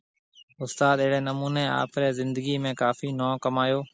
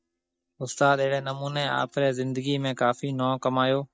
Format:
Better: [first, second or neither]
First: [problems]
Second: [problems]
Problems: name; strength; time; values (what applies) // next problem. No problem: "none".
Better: first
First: none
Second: noise reduction (neural mask model DeepFilterNet 3)